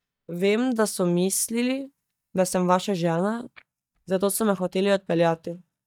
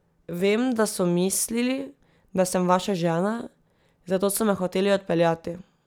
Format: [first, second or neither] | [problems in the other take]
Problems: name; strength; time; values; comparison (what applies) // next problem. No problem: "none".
second | noise reduction (neural mask model DeepFilterNet 3)